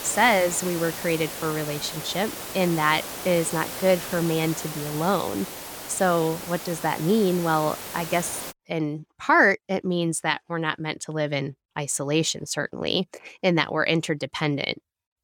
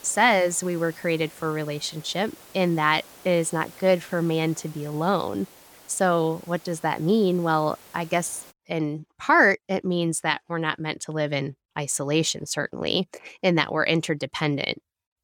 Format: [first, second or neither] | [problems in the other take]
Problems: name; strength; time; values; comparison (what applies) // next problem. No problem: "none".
second | hiss; loud; until 8.5 s; 9 dB below the speech; faint in the second